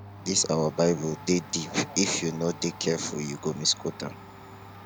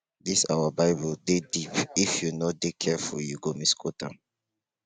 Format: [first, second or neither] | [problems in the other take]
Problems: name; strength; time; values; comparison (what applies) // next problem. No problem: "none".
second | background sound (Domestic sounds, home sounds); 16 dB below the speech